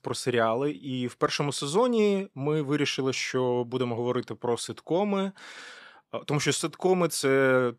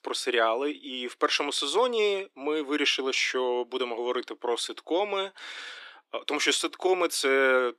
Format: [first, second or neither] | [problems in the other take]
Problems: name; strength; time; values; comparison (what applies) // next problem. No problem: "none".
first | thin; somewhat; fading below 300 Hz